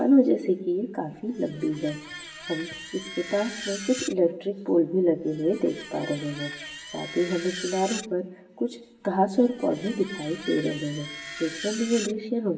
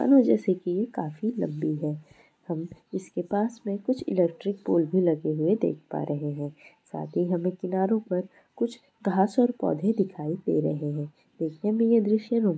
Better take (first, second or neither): second